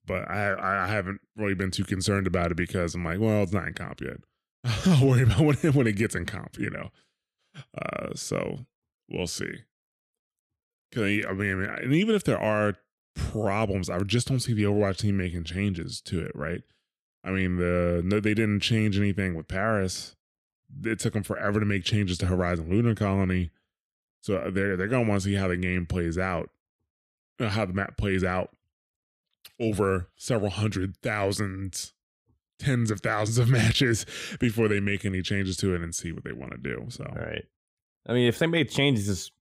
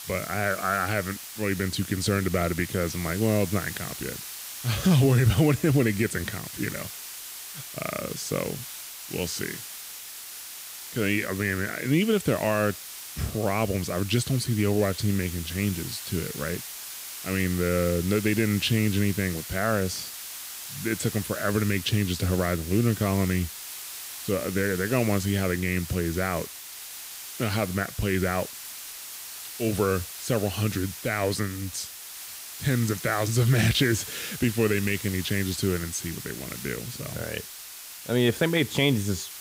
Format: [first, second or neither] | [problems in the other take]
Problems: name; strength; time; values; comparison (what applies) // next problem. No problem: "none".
first | hiss; loud; throughout; 10 dB below the speech